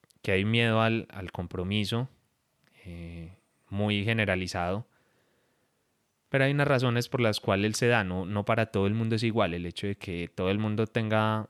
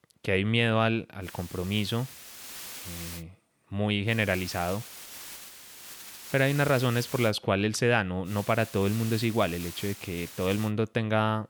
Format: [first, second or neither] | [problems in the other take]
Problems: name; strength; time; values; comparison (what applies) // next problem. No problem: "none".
first | hiss; noticeable; from 1 to 3 s, from 4 to 7.5 s and from 8.5 to 11 s; 15 dB below the speech